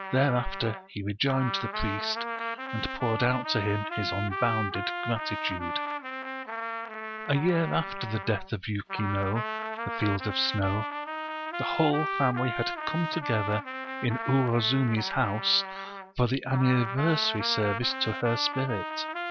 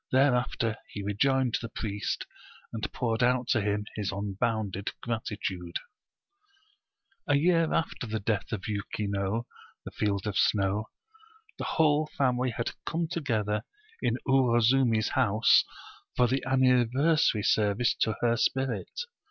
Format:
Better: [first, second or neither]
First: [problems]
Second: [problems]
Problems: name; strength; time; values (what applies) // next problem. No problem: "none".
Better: second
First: background sound (Trumpet); 5 dB below the speech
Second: none